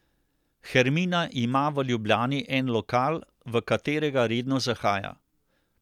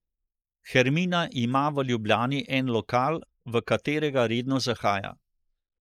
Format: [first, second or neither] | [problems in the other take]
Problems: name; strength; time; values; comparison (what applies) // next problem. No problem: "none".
first | noise reduction (neural mask model Resemble Enhance denoiser)